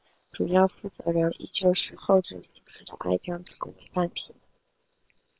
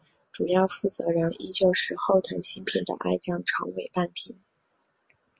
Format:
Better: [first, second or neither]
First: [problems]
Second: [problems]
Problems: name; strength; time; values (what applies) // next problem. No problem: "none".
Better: second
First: noise reduction (neural separator model SepFormer WHAM!)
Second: none